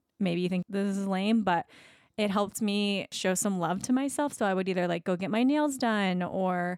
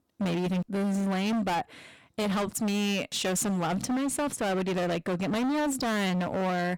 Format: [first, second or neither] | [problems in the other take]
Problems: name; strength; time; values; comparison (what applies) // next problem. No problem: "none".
first | distortion; heavy; 36% of the sound clipped